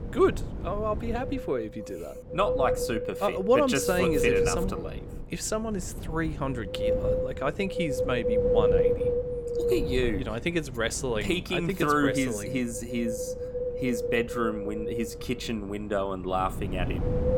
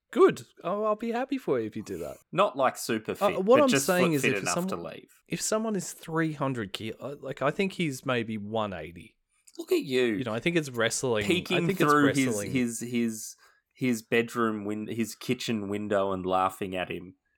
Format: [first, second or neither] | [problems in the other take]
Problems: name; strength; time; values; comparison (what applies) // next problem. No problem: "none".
second | wind noise on the microphone; heavy; 1 dB below the speech